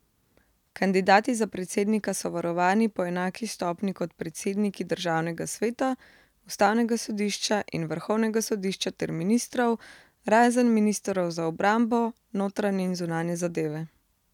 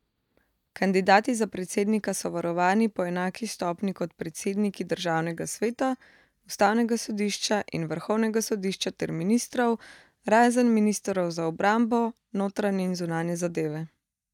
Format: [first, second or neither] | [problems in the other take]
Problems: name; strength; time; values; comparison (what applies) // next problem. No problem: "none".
first | noise reduction (neural mask model DeepFilterNet 3)